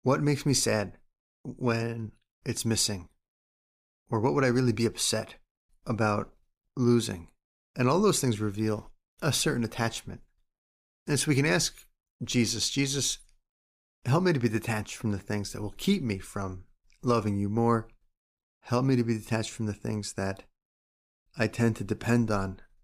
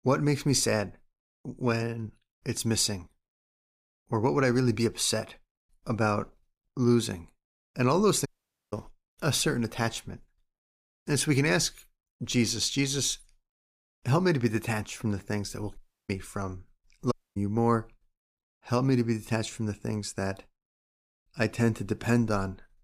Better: first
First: none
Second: audio cutting out; at 8.5 s, at 16 s and at 17 s

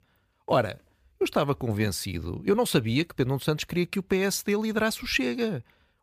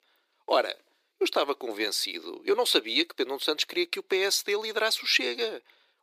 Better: first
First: none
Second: thin; very; fading below 350 Hz

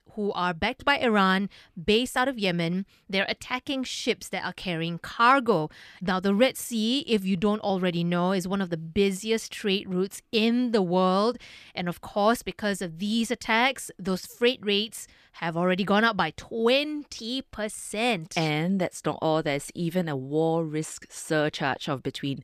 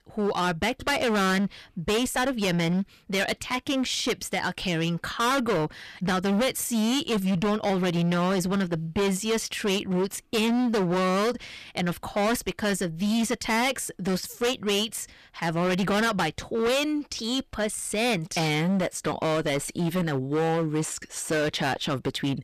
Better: first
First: none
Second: distortion; heavy; 21% of the sound clipped

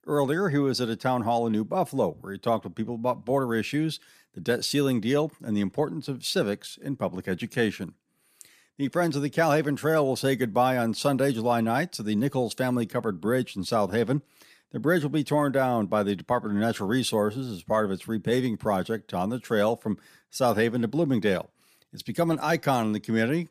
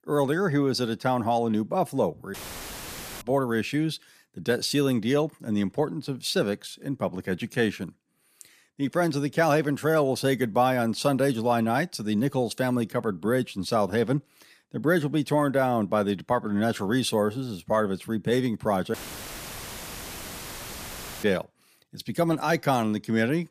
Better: first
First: none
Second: audio cutting out; filled with static; at 2.5 s for 1 s and at 19 s for 2.5 s

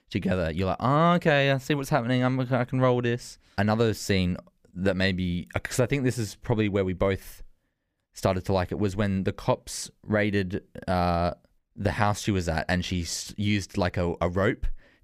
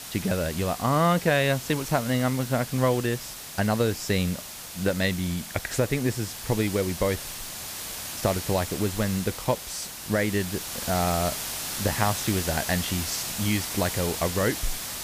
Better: first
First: none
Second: hiss; loud; throughout; 6 dB below the speech

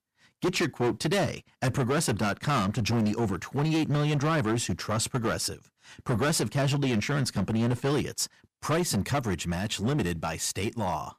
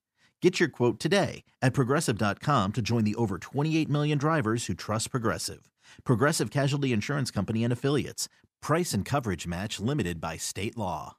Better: second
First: distortion; heavy; 15% of the sound clipped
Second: none

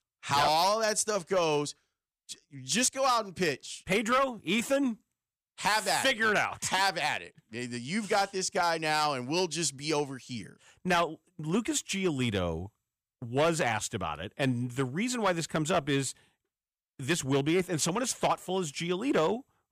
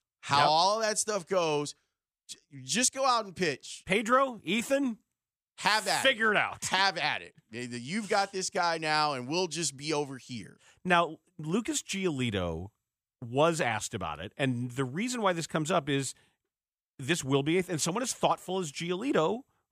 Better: second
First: distortion; slight; 4% of the sound clipped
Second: none

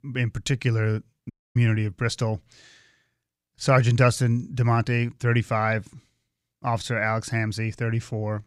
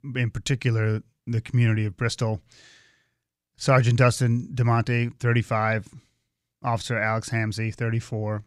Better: second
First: audio cutting out; at 1.5 s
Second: none

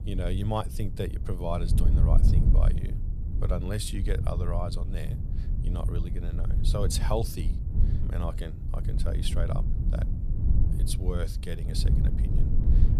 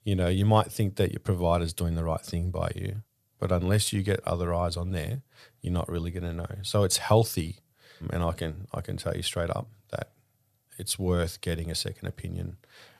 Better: second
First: low rumble; loud; throughout; 7 dB below the speech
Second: none

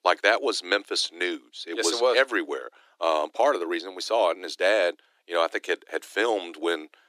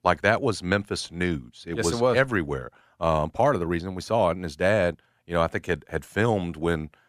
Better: second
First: thin; very; fading below 300 Hz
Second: none

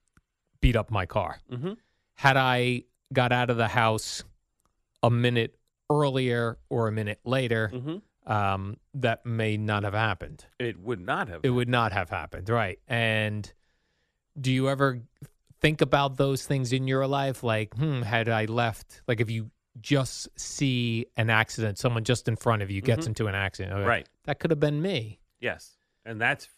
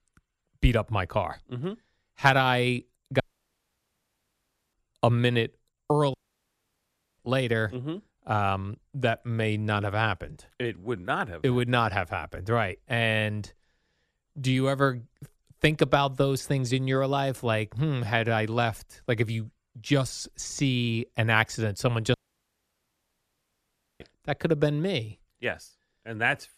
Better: first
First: none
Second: audio cutting out; at 3 s for 1.5 s, at 6 s for 1 s and at 22 s for 2 s

